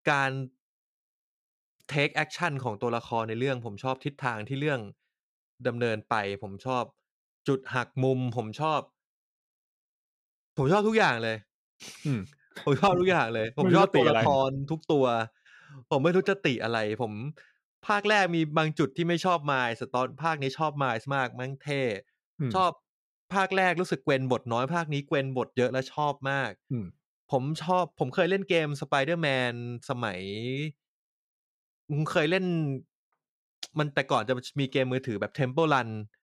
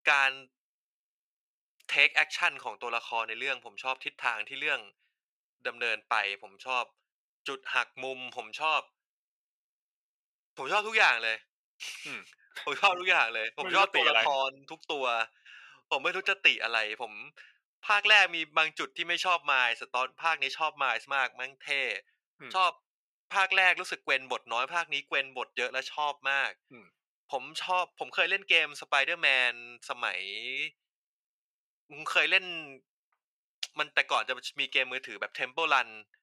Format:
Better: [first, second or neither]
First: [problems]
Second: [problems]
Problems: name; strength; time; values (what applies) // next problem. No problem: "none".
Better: first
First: none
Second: thin; very; fading below 850 Hz